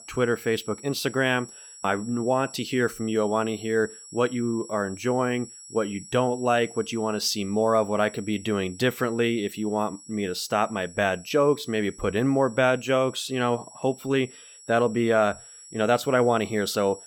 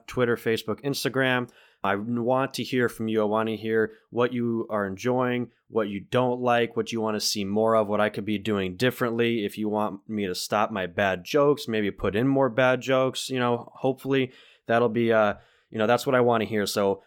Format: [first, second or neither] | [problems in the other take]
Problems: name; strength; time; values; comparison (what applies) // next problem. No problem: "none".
second | high-pitched whine; noticeable; throughout; 7.5 kHz, 20 dB below the speech